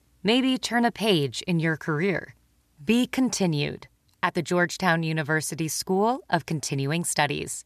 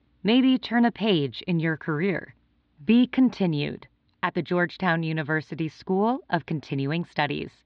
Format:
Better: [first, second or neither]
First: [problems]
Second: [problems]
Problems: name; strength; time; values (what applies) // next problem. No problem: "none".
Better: first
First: none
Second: muffled; slightly; fading above 4 kHz